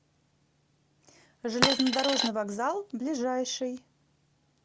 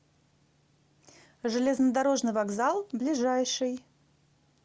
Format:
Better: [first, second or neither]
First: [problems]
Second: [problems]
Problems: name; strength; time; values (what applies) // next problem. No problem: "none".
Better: second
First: background sound (Coin (dropping)); 5 dB above the speech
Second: none